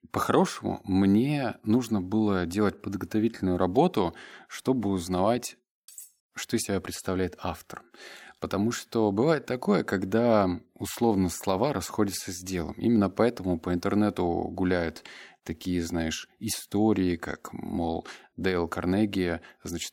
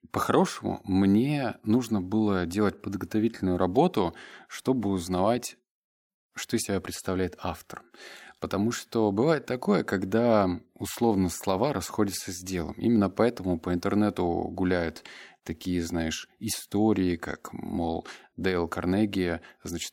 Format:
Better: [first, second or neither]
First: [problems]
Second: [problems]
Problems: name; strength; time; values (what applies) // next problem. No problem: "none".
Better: second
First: clattering dishes; faint; at 6 s; peak 20 dB below the speech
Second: none